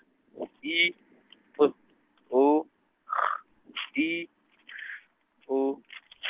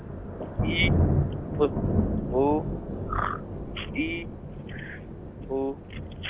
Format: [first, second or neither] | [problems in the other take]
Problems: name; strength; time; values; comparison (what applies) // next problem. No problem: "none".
first | background sound (Thunder); 3 dB above the speech